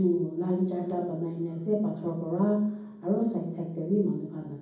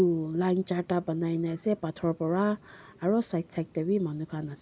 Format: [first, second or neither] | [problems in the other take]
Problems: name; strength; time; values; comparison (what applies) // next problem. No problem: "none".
second | room echo; dies away in 1.2 s